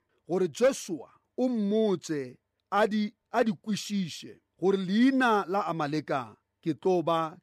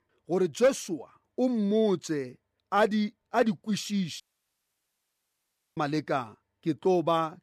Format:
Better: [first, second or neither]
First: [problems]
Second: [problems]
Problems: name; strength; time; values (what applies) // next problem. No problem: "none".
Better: first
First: none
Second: audio cutting out; at 4 s for 1.5 s